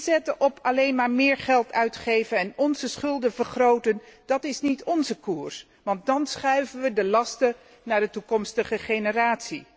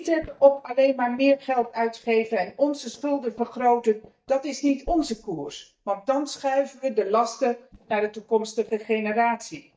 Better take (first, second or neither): first